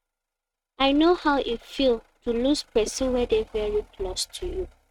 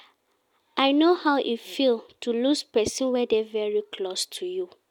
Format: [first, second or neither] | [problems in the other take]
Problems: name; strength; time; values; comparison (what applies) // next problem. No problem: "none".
second | noise reduction (neural mask model RNNoise)